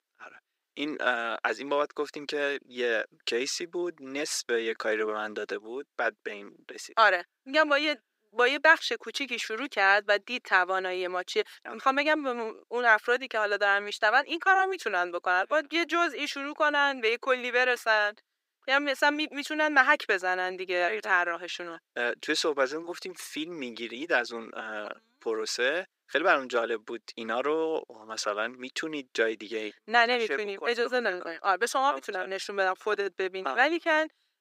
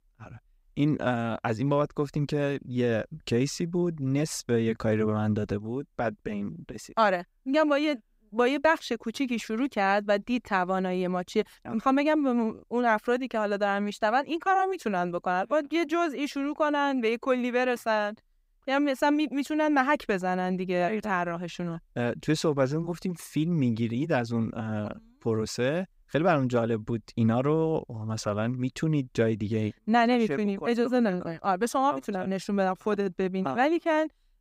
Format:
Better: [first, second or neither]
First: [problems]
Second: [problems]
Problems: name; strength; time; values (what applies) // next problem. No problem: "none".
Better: second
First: thin; very; fading below 350 Hz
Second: none